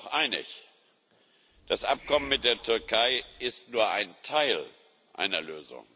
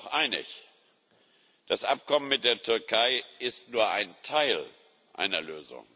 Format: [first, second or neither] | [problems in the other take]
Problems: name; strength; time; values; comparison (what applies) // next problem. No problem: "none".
second | background sound (Hiss); 16 dB below the speech